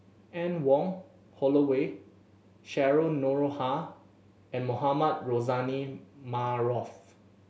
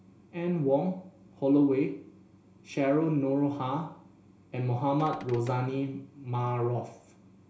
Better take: first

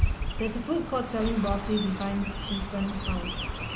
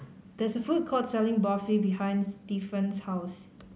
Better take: second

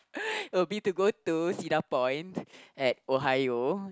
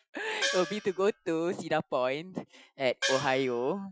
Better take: first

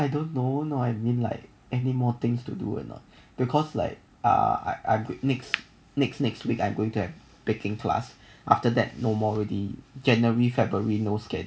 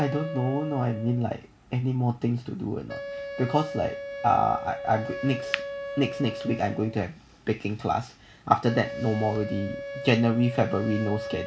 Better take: first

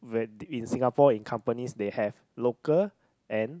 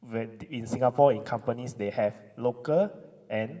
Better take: first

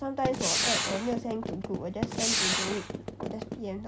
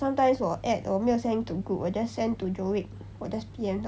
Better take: second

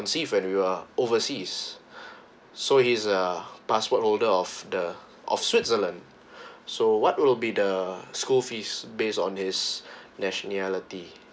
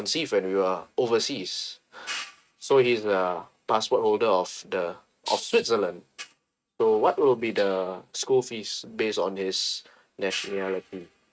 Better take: first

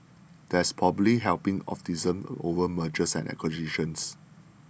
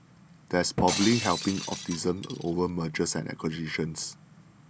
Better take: first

